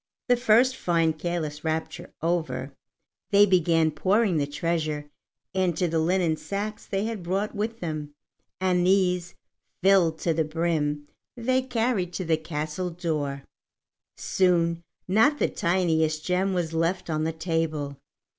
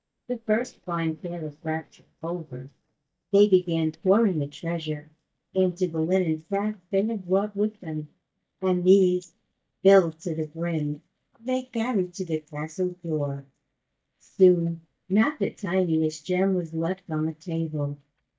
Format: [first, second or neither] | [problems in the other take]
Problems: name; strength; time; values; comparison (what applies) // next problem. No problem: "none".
first | noise reduction (neural mask model DeepFilterNet 3)